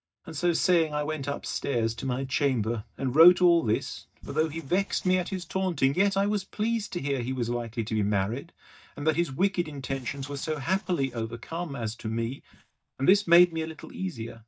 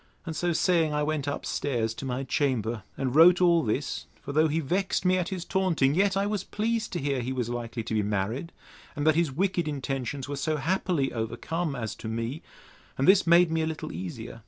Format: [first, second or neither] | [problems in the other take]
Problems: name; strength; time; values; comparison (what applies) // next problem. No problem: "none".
second | noise reduction (neural mask model DeepFilterNet 3)